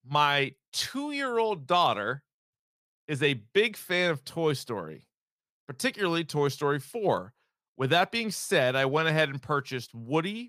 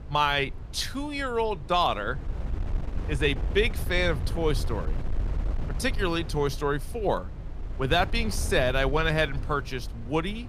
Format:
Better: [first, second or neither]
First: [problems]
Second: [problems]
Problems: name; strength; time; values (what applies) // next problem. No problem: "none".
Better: first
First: none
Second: wind noise on the microphone; occasional gusts; 20 dB below the speech